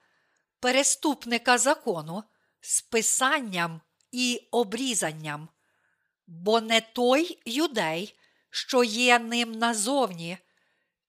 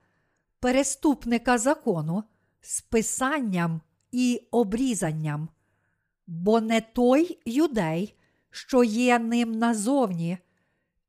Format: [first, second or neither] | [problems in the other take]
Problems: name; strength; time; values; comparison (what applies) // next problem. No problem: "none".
second | thin; very slightly; fading below 850 Hz